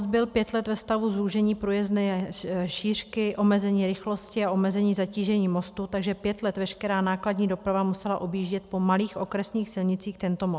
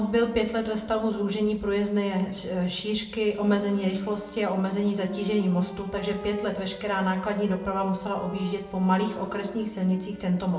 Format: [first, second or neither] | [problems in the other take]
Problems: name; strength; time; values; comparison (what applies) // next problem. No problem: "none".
first | background sound (Wind instrument, woodwind instrument); 17 dB below the speech // room echo; dies away in 0.7 s